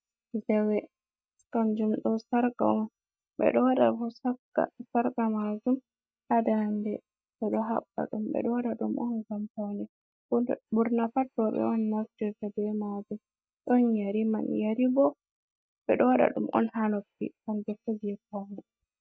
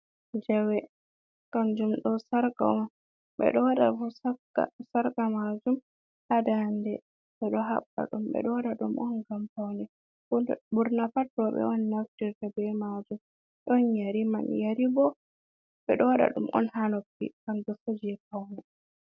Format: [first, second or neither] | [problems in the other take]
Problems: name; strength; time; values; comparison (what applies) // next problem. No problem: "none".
second | noise reduction (neural mask model DeepFilterNet 3)